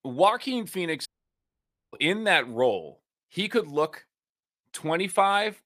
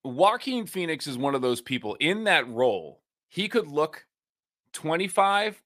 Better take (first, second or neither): second